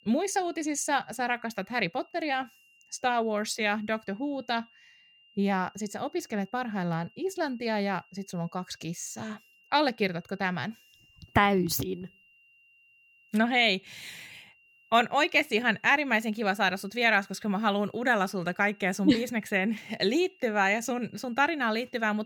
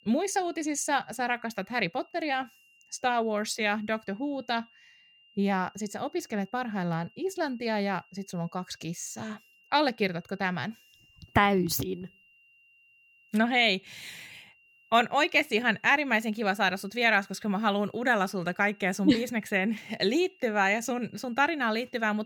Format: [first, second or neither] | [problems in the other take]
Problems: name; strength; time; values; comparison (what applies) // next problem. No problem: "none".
neither | high-pitched whine; faint; throughout; 3 kHz, 30 dB below the speech; the same in both